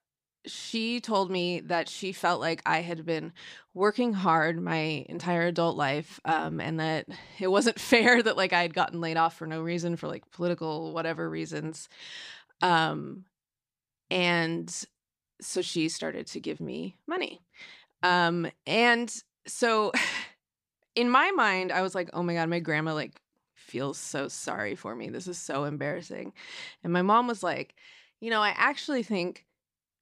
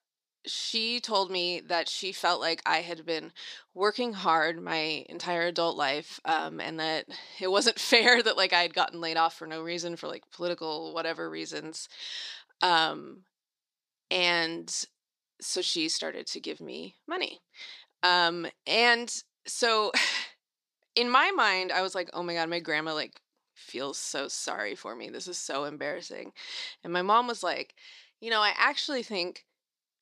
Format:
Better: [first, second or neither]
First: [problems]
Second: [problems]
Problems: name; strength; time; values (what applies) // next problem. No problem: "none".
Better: first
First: none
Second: thin; somewhat; fading below 350 Hz